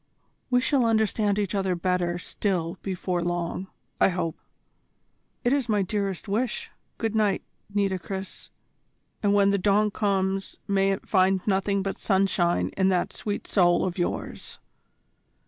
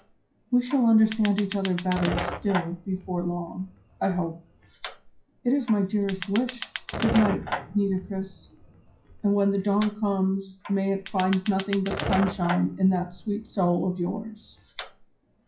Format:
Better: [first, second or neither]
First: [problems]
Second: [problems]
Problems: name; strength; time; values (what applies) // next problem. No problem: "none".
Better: first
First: none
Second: noise reduction (classical method WPE with log-MMSE)